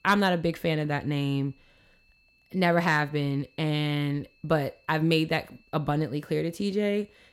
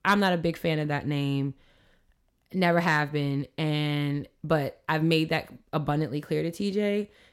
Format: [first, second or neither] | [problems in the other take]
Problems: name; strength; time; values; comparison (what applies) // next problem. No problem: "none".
second | high-pitched whine; faint; throughout; 2.5 kHz, 35 dB below the speech